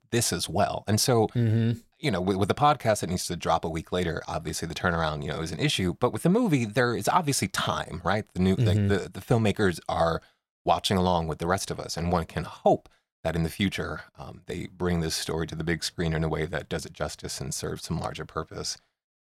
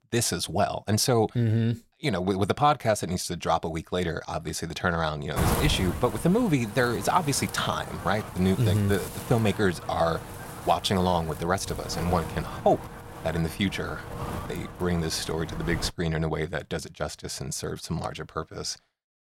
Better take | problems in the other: first | wind noise on the microphone; occasional gusts; from 5.5 to 16 s; 10 dB below the speech

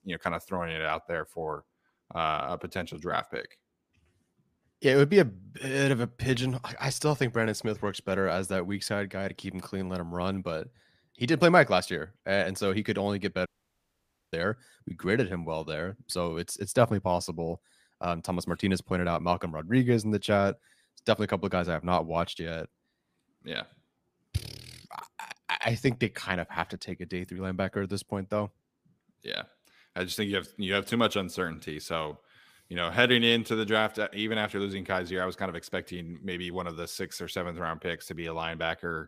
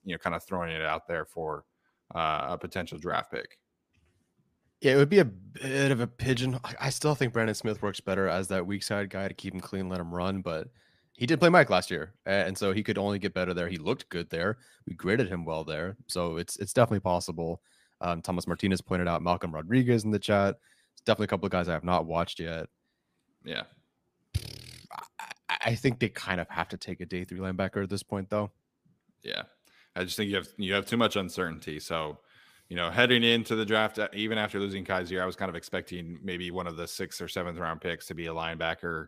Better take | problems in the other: second | audio cutting out; at 13 s for 1 s

